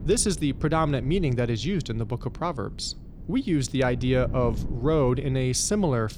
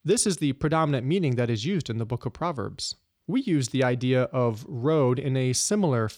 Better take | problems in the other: second | wind noise on the microphone; occasional gusts; 20 dB below the speech

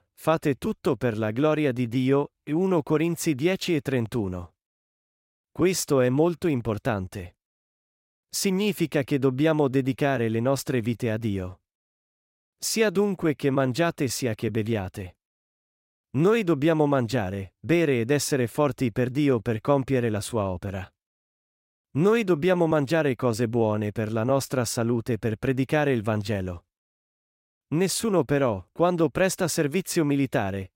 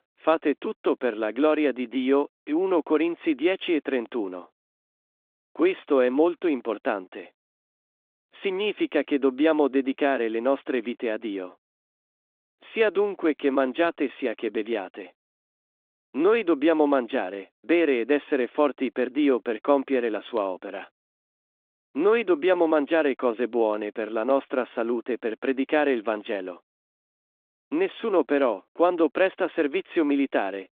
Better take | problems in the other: first | phone-call audio; nothing above 3.5 kHz

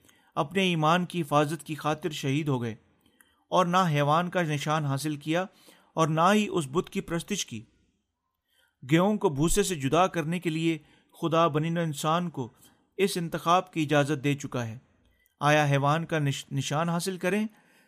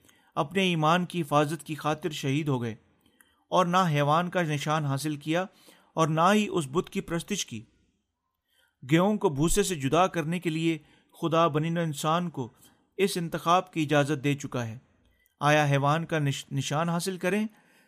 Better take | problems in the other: neither | none

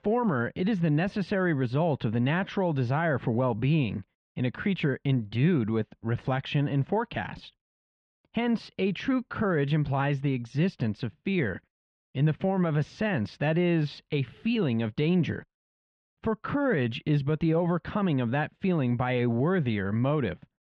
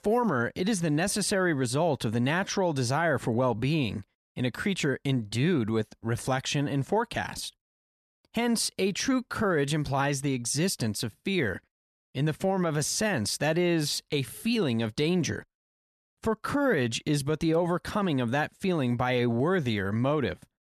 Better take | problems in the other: second | muffled; very; fading above 3 kHz

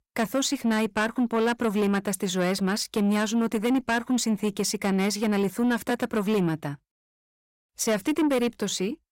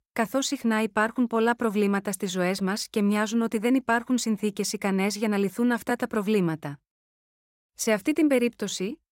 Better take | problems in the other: second | distortion; slight; 10 dB below the speech

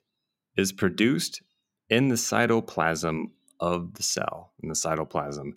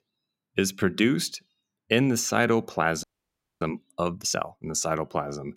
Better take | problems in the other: first | audio freezing; at 3 s for 0.5 s

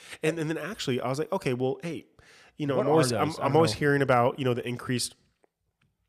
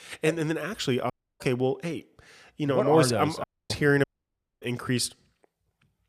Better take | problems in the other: first | audio cutting out; at 1 s, at 3.5 s and at 4 s for 0.5 s

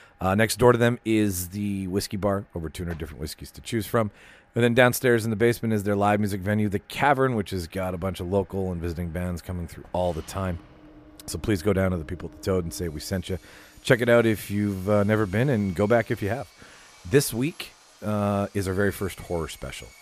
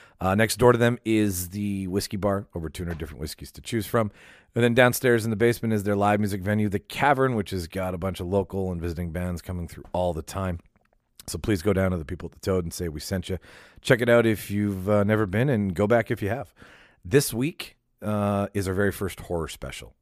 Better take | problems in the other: second | machinery noise; faint; throughout; 25 dB below the speech

